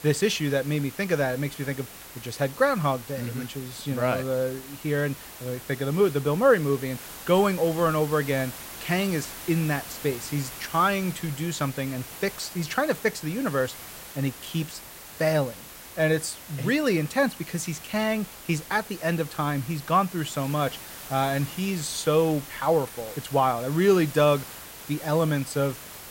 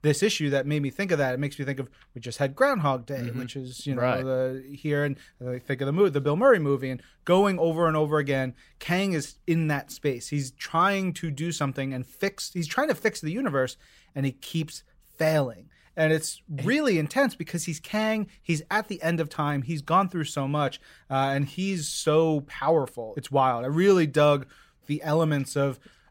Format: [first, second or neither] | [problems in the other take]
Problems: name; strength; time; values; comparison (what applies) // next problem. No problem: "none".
second | hiss; noticeable; throughout; 15 dB below the speech